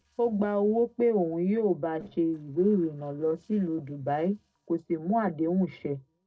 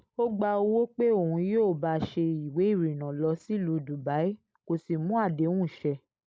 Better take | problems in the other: second | noise reduction (neural separator model SepFormer DNS4)

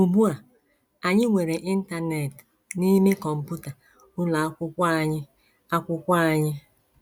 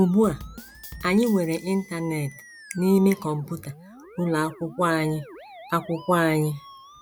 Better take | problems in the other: first | background sound (Bass drum / Snare drum + Musical instrument); 20 dB below the speech

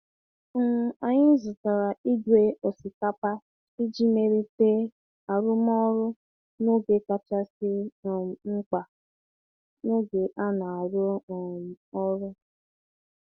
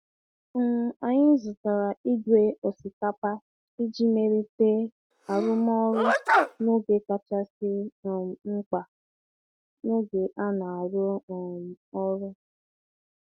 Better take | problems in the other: first | noise reduction (neural mask model RNNoise)

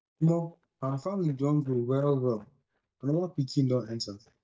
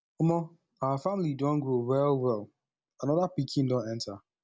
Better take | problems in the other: second | noise reduction (neural mask model DeepFilterNet 3)

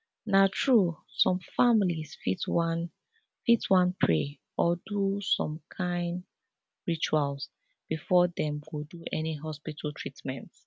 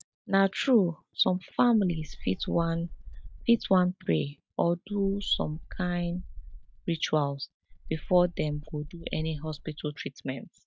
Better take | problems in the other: first | noise reduction (neural mask model DeepFilterNet 3)

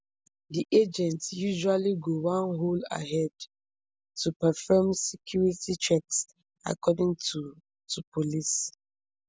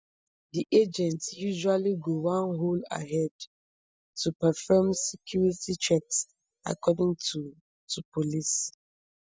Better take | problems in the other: first | noise reduction (neural mask model DeepFilterNet 3)

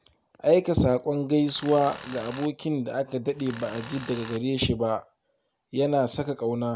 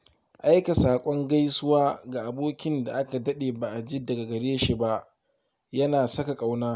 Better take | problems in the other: second | background sound (Tools); 16 dB below the speech

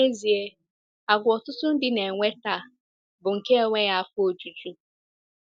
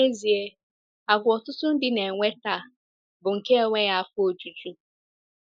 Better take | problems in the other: first | noise reduction (neural mask model Resemble Enhance denoiser)

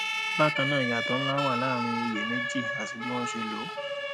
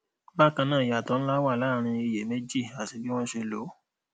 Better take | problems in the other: second | background sound (Siren); as loud as the speech

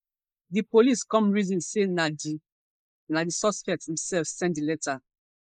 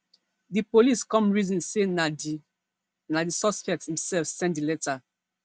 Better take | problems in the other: second | noise reduction (neural mask model Resemble Enhance denoiser)

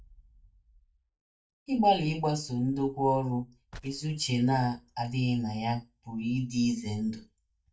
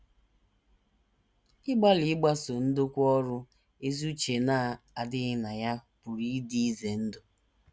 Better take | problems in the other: second | noise reduction (neural mask model DeepFilterNet 3)

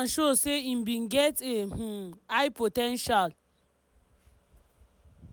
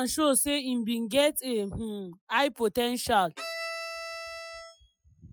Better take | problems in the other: first | noise reduction (classical method Wiener filter)

